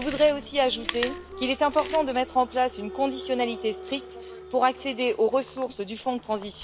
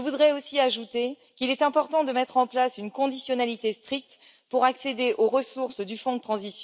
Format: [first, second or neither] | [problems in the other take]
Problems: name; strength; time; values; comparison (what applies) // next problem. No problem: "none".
second | background sound (Applause + Chewing, mastication); 13 dB below the speech